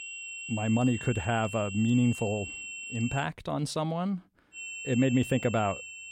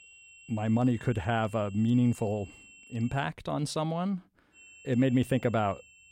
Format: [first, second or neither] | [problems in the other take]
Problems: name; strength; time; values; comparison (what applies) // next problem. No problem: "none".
second | high-pitched whine; loud; until 3 s and from 4.5 s on; 2.5 kHz, 9 dB below the speech; faint in the second